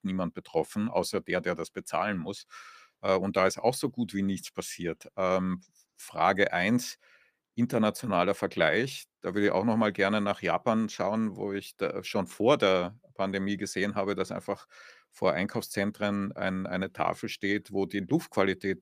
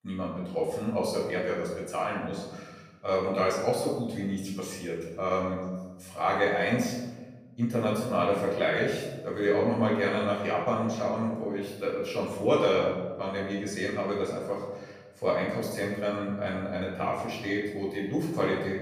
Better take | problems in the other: first | off-mic speech; far // room echo; noticeable; dies away in 1.1 s

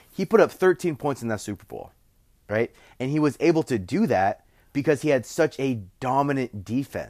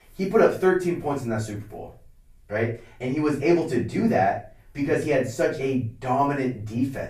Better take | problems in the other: first | room echo; slight; dies away in 0.3 s // off-mic speech; far

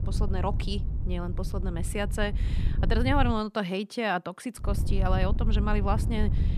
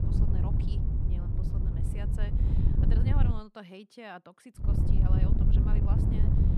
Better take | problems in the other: first | wind noise on the microphone; heavy; until 3.5 s and from 4.5 s on; 4 dB above the speech; occasional gusts in the first

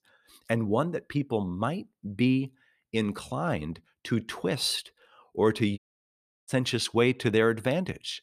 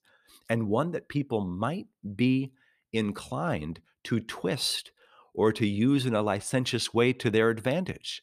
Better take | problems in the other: second | audio cutting out; at 6 s for 0.5 s

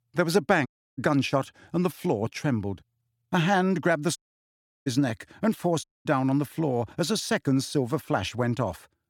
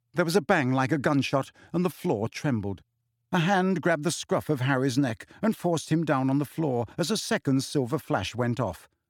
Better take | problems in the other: second | audio cutting out; at 0.5 s, at 4 s for 0.5 s and at 6 s

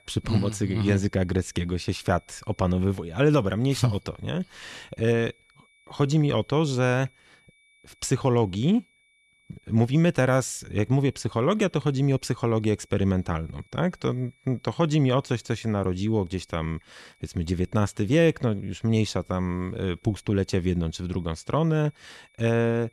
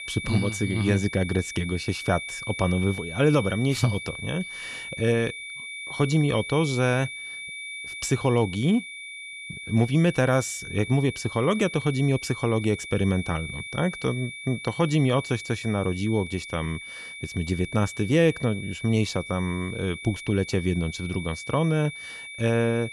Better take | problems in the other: first | high-pitched whine; loud; throughout; 2.5 kHz, 10 dB below the speech; faint in the first

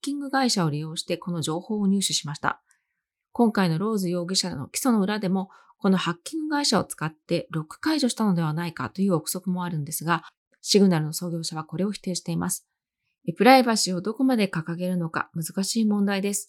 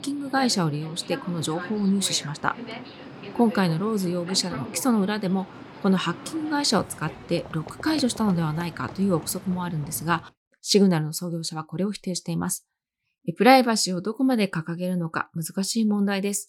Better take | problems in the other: first | train or aircraft noise; noticeable; until 10 s; 15 dB below the speech

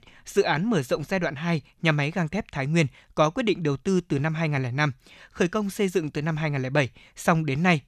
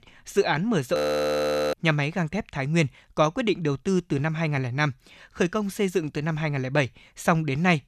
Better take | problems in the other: first | audio freezing; at 1 s for 1 s

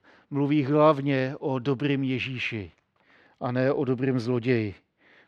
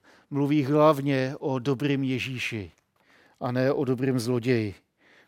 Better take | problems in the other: second | muffled; very slightly; fading above 3 kHz

